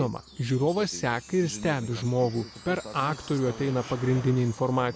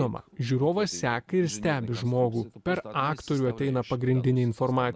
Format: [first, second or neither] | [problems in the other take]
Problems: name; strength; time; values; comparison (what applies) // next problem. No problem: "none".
second | background sound (Chime + Car passing by); 19 dB below the speech